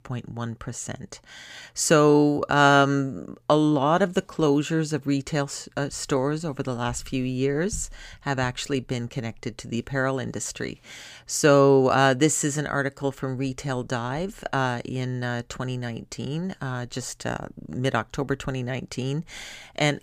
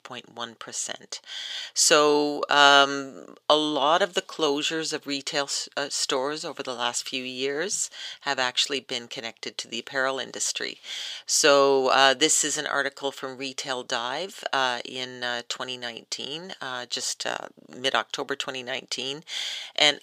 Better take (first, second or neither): first